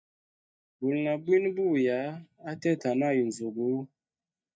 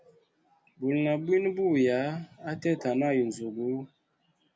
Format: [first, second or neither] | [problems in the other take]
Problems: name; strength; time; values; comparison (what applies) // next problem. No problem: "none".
second | noise reduction (neural mask model DeepFilterNet 3)